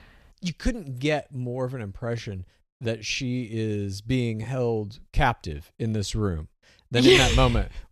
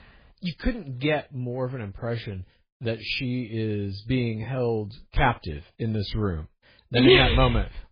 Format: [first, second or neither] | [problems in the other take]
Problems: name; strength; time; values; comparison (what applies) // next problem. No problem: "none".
first | garbled, watery; badly; nothing above 4 kHz